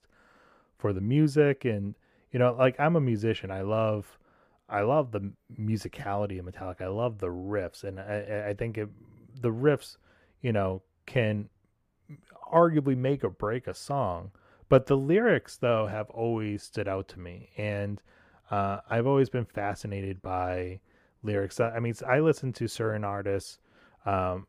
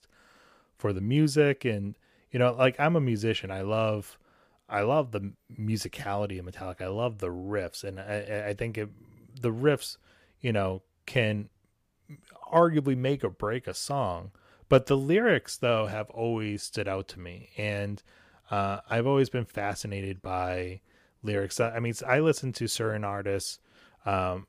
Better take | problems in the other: second | muffled; slightly; fading above 2.5 kHz

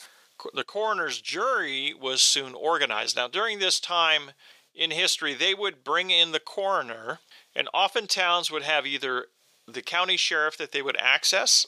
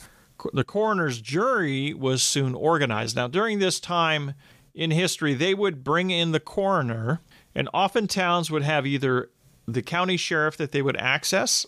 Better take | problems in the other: second | thin; very; fading below 550 Hz

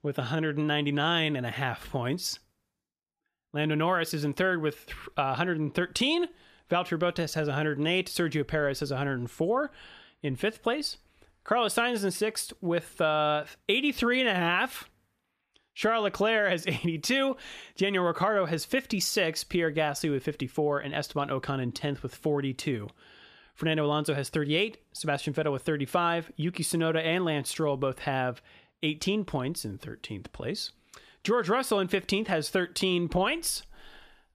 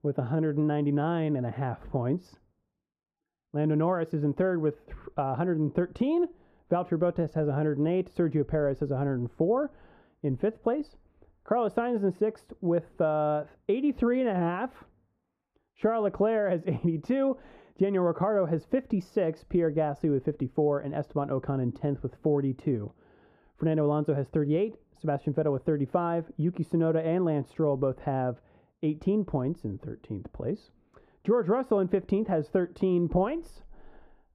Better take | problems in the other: first | muffled; very; fading above 2 kHz

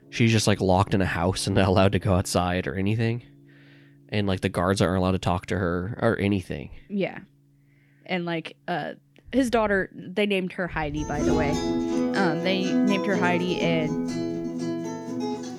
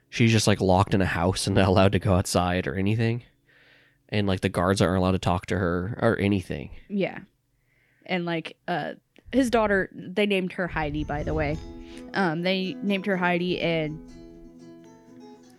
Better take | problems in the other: second | background music; loud; throughout; 2 dB below the speech; faint in the second

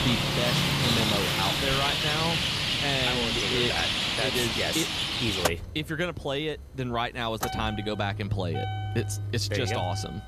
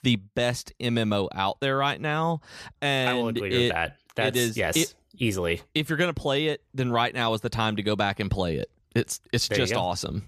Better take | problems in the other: second | traffic noise; very loud; throughout; 4 dB above the speech

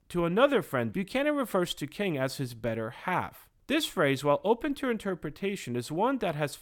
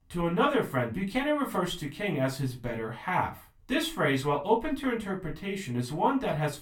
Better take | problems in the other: first | off-mic speech; far // room echo; very slight; dies away in 0.2 s

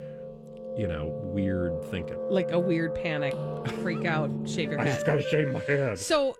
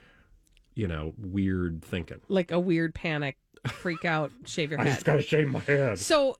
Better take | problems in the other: second | background music; loud; throughout; 3 dB below the speech

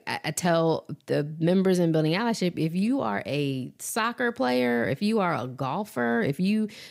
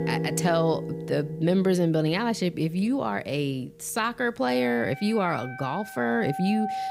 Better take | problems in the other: first | background music; loud; throughout; 9 dB below the speech

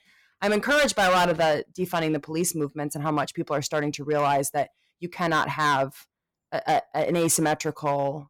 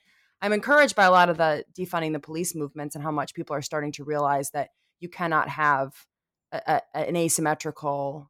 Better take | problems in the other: second | distortion; heavy; 8% of the sound clipped

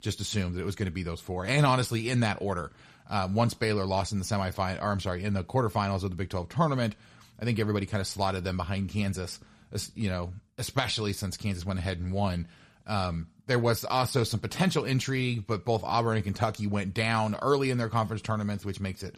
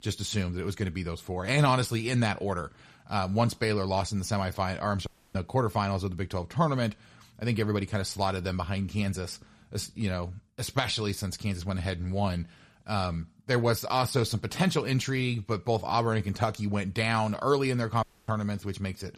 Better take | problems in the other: first | audio cutting out; at 5 s and at 18 s

